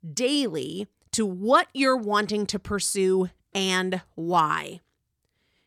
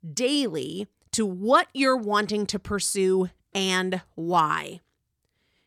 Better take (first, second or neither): neither